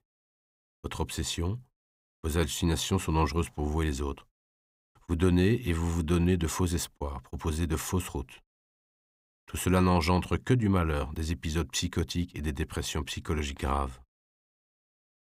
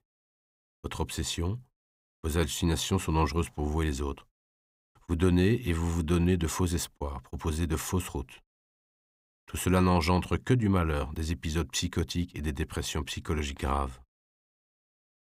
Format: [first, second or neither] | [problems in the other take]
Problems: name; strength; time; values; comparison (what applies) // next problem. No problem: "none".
neither | none